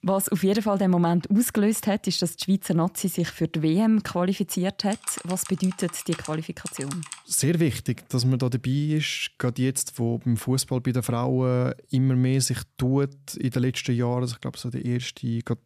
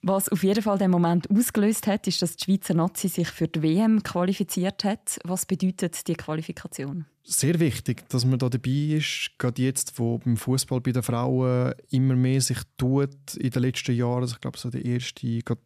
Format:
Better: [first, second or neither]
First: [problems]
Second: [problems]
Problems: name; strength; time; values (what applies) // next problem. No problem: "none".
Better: second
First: keyboard typing; faint; from 5 to 7 s; peak 10 dB below the speech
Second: none